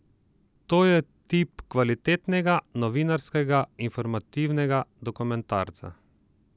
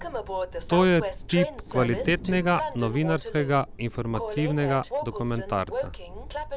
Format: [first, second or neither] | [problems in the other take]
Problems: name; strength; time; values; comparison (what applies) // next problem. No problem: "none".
first | background sound (Train); 6 dB below the speech